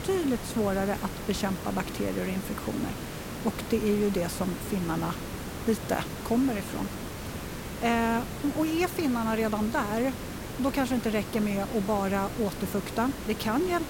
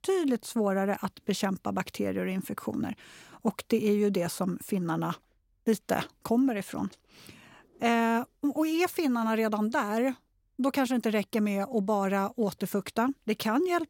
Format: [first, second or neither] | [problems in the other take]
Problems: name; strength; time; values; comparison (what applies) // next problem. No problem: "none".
second | hiss; loud; throughout; 7 dB below the speech